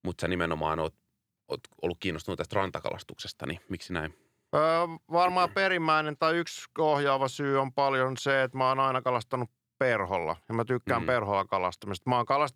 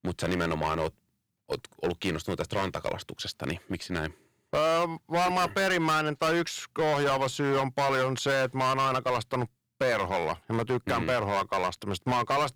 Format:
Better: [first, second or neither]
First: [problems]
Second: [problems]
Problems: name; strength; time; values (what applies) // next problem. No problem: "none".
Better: first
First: none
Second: distortion; heavy; 14% of the sound clipped